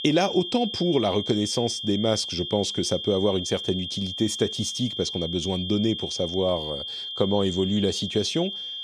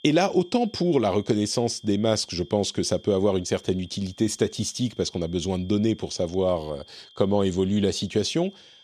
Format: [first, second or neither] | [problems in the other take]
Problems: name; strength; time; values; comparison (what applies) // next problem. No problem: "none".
second | high-pitched whine; loud; throughout; 3 kHz, 5 dB below the speech; faint in the second